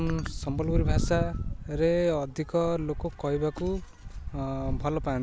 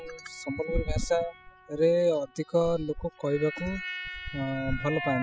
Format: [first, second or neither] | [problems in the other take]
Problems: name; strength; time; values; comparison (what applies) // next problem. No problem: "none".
first | noise reduction (classical method spectral subtraction)